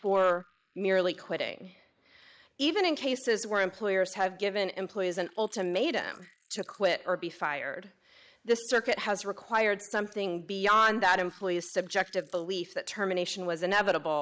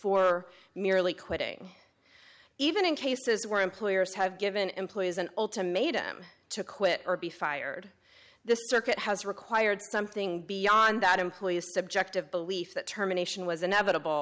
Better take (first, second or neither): second